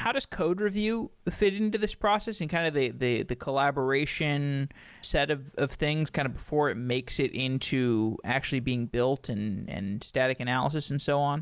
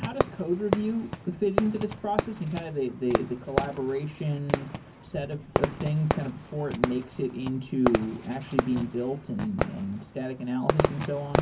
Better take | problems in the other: first | background sound (Fireworks); 1 dB below the speech // room echo; dies away in 0.3 s

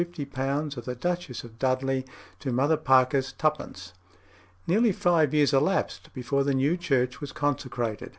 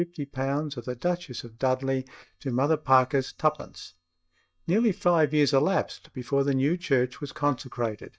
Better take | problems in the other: first | noise reduction (neural mask model DeepFilterNet 3)

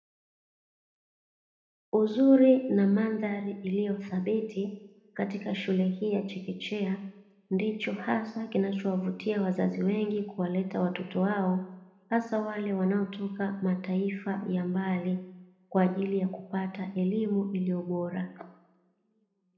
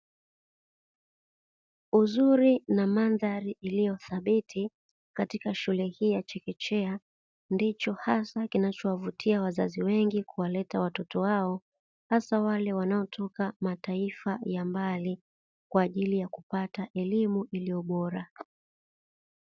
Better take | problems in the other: second | room echo; dies away in 0.8 s

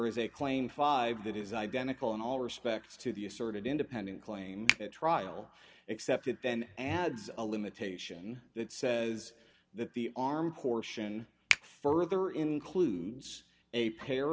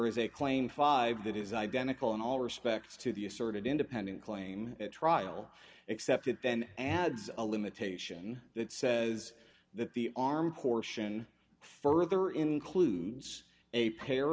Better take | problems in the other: second | background sound (Finger snapping); 4 dB below the speech

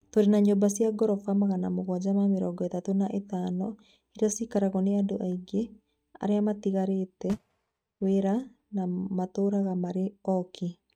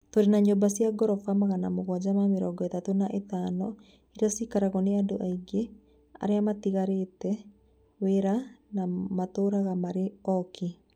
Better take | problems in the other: second | noise reduction (neural mask model RNNoise)

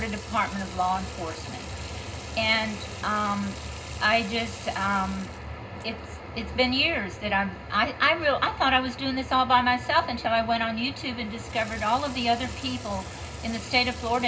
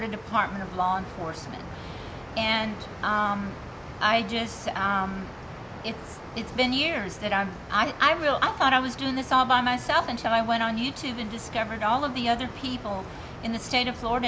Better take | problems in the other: second | background sound (Sink (filling or washing) / Water tap, faucet); 20 dB below the speech // room echo; dies away in 0.2 s

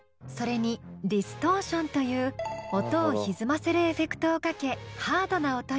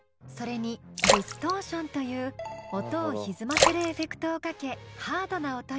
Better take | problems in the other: first | background sound (Splash, splatter); 2 dB above the speech

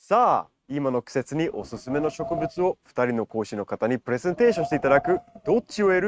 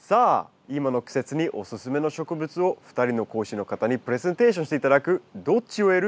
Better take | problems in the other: second | noise reduction (neural mask model RNNoise)

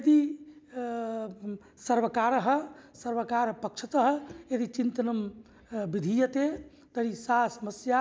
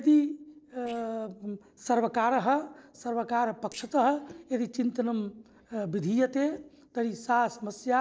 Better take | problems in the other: first | noise reduction (neural separator model SepFormer DNS4)

